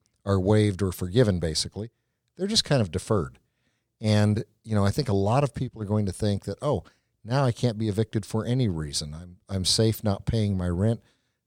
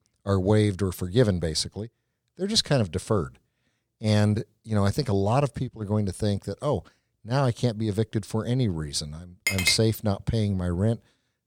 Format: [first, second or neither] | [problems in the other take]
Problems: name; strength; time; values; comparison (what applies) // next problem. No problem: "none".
first | clattering dishes; loud; at 9.5 s; peak 1 dB above the speech